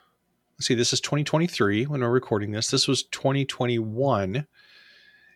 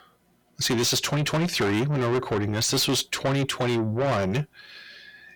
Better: first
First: none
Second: distortion; heavy; 6 dB below the speech

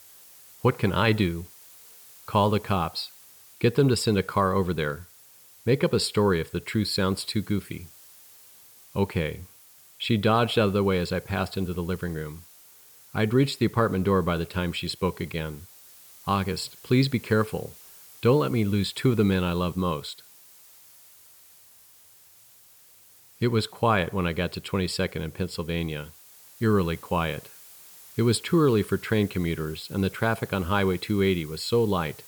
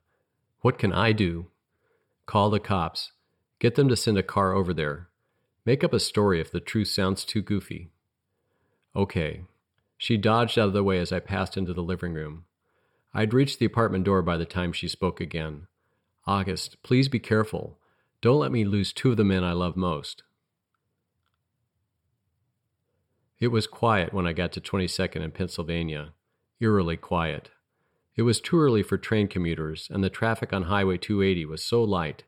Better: second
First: hiss; faint; throughout; 20 dB below the speech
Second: none

